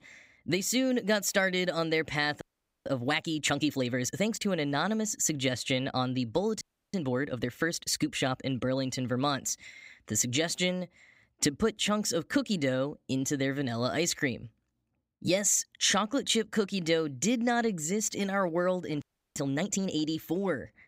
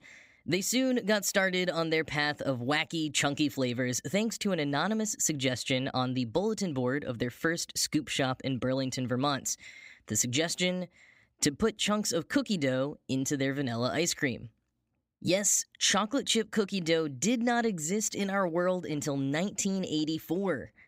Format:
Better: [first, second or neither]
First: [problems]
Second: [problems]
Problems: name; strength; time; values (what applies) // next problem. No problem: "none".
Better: second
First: audio freezing; at 2.5 s, at 6.5 s and at 19 s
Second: none